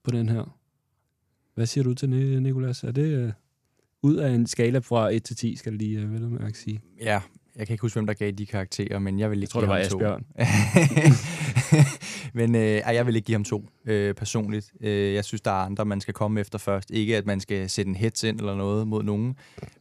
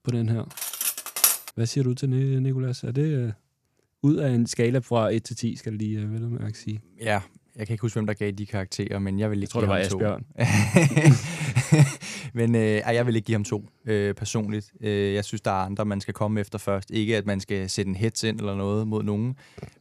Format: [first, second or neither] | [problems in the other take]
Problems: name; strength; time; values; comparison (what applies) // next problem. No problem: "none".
first | clattering dishes; loud; at 0.5 s; peak 5 dB above the speech